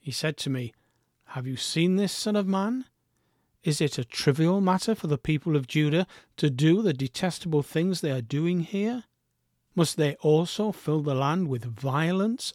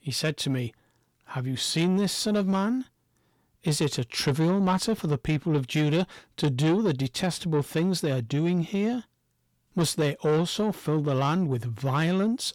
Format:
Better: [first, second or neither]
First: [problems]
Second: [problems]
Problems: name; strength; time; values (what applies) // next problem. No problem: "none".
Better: first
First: none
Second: distortion; slight; 10 dB below the speech